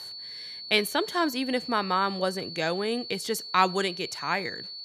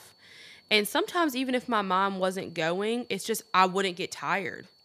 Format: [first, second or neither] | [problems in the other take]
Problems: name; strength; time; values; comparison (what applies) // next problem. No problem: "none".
second | high-pitched whine; loud; throughout; 4.5 kHz, 10 dB below the speech; faint in the second